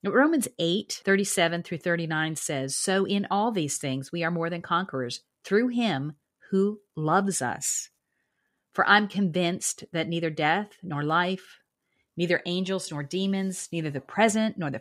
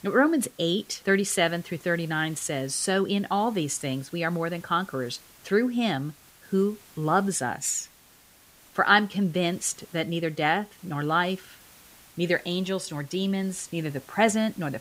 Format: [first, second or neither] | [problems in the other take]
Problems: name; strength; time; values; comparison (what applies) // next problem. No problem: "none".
first | hiss; faint; throughout; 25 dB below the speech